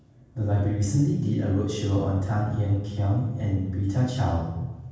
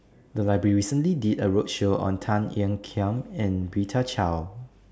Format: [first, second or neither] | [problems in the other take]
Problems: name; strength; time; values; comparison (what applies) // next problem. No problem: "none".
second | room echo; dies away in 1.2 s